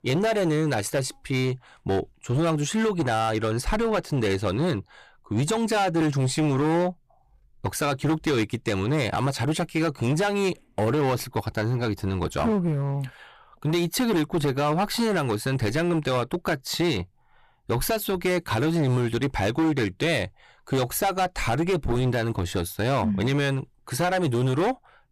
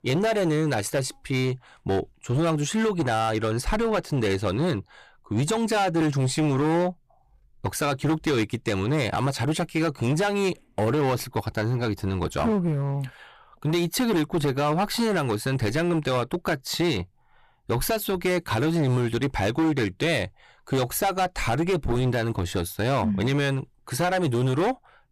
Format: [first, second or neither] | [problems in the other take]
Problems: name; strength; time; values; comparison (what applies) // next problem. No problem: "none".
neither | distortion; slight; 14% of the sound clipped; the same in both